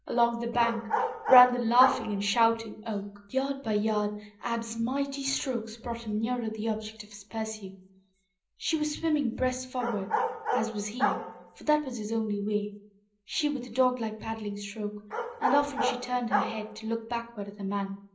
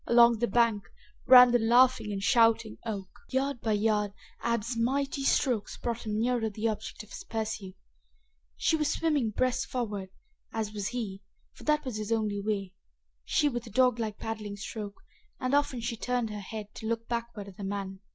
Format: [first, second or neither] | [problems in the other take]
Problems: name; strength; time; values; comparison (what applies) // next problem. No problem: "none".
second | background sound (Bark); 4 dB below the speech // room echo; dies away in 0.5 s